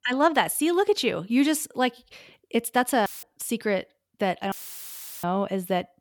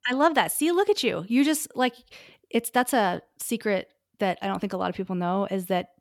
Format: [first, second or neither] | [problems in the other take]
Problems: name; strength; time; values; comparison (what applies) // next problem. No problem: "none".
second | audio cutting out; filled with static; at 3 s and at 4.5 s for 0.5 s